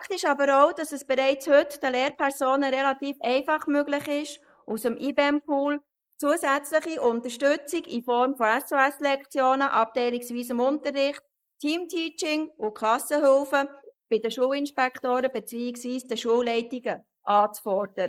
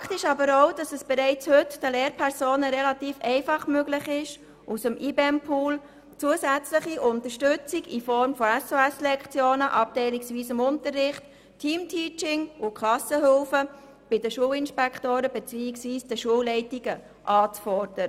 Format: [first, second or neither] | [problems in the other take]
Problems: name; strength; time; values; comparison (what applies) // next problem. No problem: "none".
second | noise reduction (neural mask model Resemble Enhance denoiser)